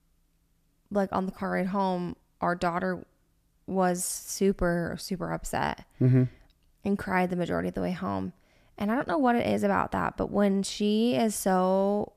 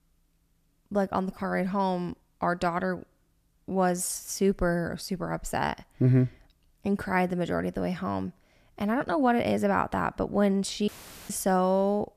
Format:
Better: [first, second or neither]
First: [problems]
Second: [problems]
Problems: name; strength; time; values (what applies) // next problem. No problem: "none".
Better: first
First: none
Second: audio cutting out; filled with static; at 11 s